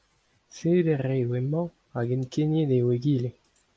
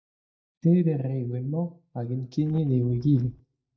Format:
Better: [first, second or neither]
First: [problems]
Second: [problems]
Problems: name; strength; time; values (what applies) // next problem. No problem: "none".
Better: first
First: none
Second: noise reduction (neural mask model DeepFilterNet 3)